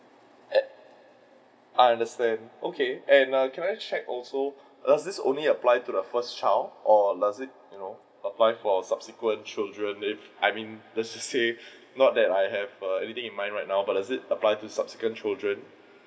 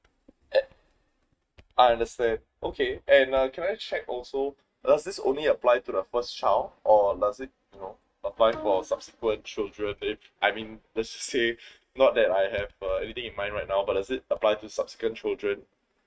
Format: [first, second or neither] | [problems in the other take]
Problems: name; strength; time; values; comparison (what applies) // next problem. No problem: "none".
first | noise reduction (neural mask model RNNoise)